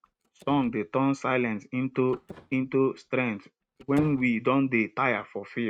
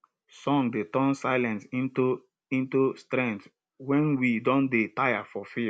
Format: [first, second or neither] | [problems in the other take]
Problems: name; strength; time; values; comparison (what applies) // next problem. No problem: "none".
second | noise reduction (neural mask model RNNoise)